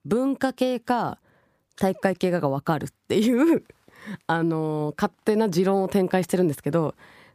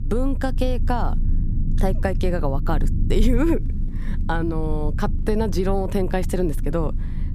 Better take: first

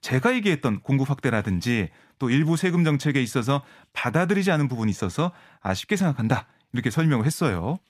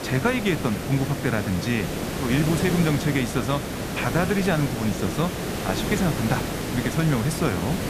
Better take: first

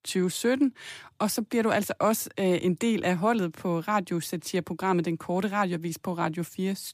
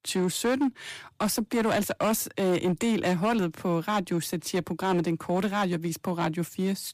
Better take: first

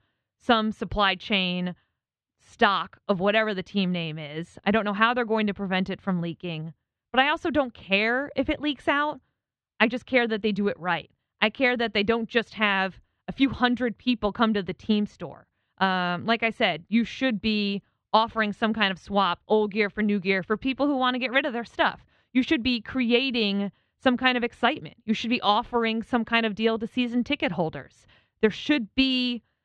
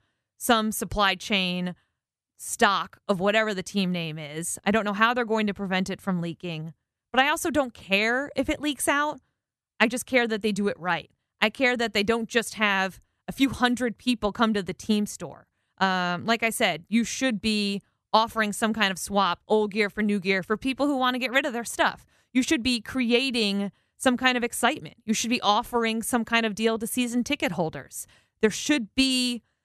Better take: second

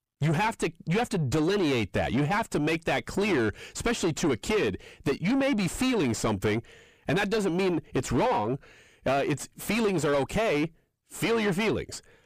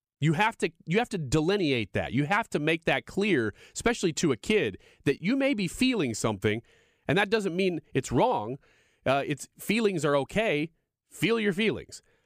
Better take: second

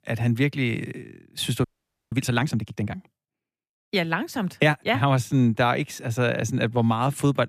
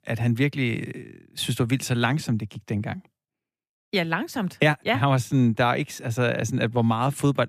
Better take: second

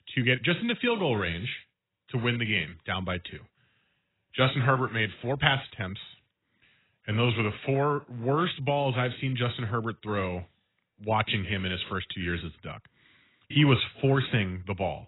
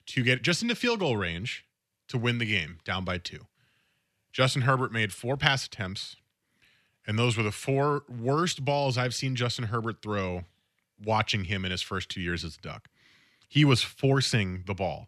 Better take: second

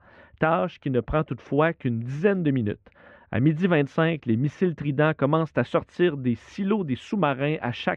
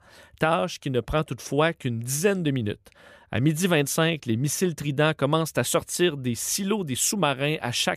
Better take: second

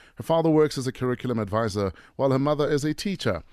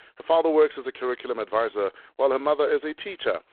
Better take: first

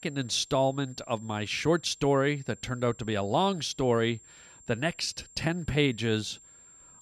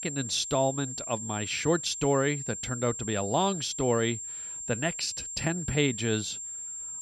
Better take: first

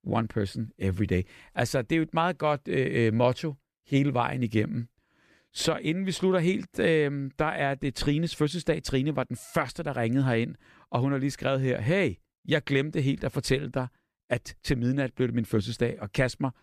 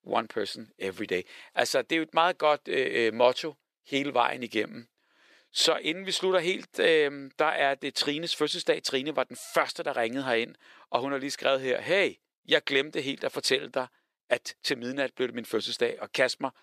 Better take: first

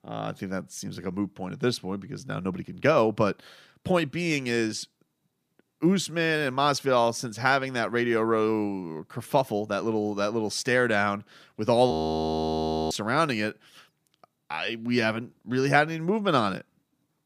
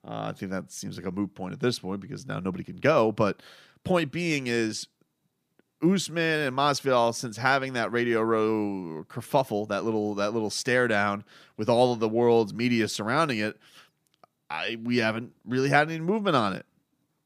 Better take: second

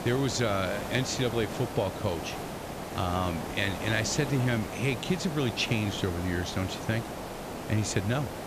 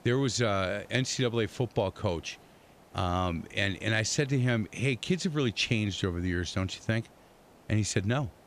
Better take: second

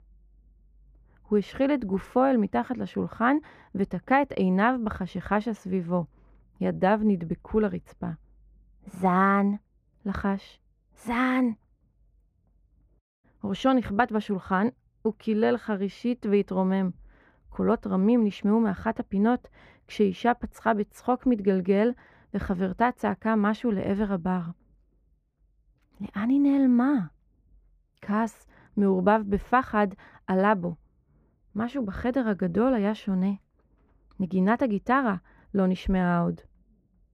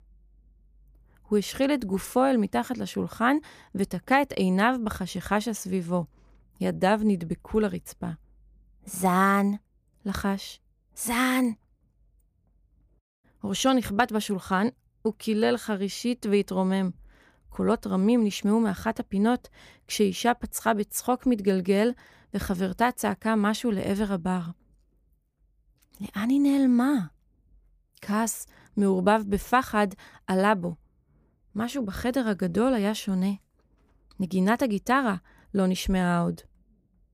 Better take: second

